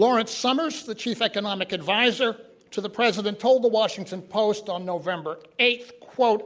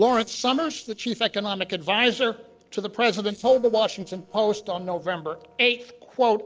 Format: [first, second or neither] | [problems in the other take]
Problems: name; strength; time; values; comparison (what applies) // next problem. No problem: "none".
first | noise reduction (neural separator model SepFormer DNS4)